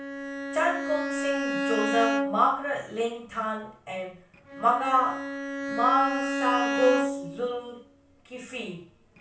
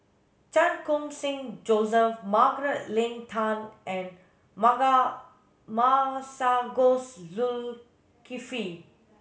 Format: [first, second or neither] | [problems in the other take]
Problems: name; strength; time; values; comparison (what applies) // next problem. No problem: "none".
second | background sound (Bowed string instrument); 3 dB below the speech // room echo; dies away in 0.3 s